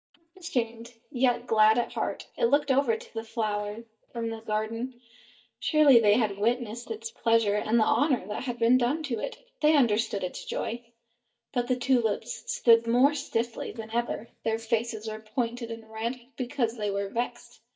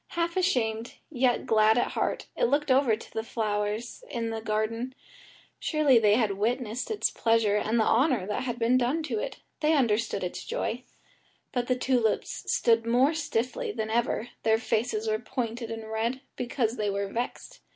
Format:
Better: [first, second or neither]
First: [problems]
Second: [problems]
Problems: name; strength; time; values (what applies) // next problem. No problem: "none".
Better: second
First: noise reduction (neural mask model DeepFilterNet 3)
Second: none